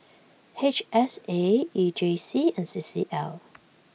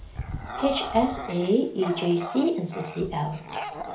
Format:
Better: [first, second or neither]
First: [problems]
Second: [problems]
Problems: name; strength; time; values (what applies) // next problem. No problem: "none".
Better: first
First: none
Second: background sound (Bark / Growling); 9 dB below the speech // room echo; dies away in 0.4 s